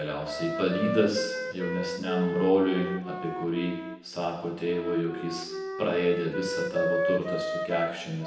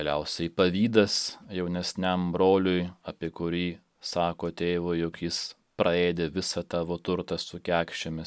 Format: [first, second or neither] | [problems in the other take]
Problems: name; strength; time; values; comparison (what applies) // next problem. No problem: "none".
second | background sound (Wind instrument, woodwind instrument); 3 dB below the speech // room echo; dies away in 0.9 s